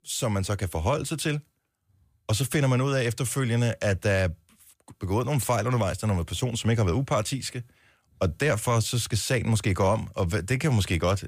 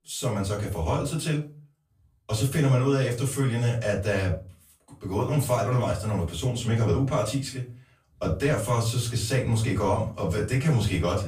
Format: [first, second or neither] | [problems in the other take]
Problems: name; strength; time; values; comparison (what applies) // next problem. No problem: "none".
first | room echo; slight; dies away in 0.3 s // off-mic speech; far